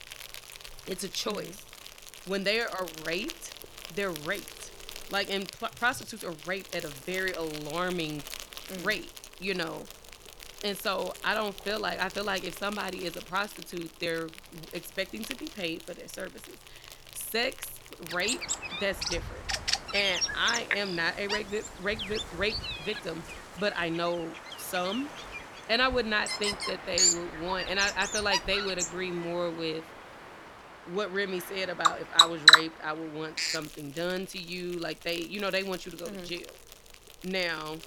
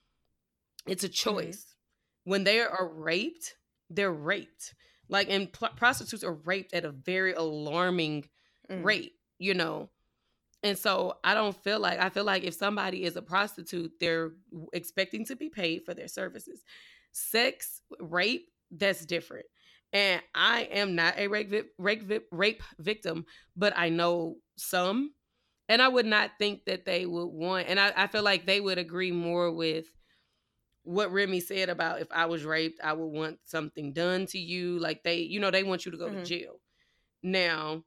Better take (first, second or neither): second